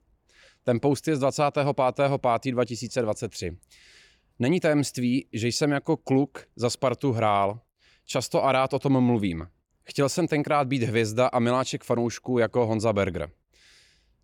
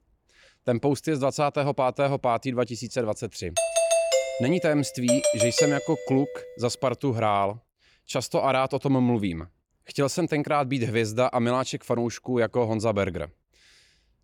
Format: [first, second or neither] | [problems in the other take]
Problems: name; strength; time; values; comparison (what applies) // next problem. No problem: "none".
first | doorbell; loud; from 3.5 to 6.5 s; peak 4 dB above the speech